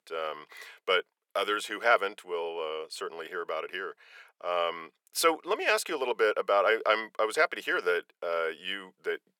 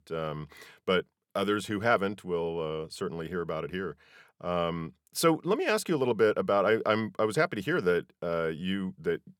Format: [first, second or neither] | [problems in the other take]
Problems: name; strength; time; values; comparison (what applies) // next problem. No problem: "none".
second | thin; very; fading below 500 Hz